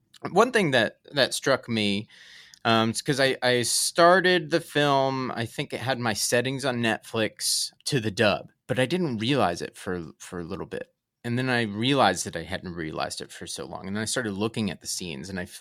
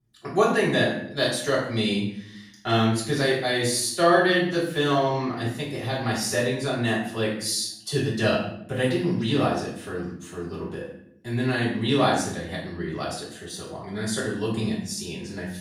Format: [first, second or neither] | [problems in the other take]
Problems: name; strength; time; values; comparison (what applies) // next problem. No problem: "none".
first | off-mic speech; far // room echo; noticeable; dies away in 0.6 s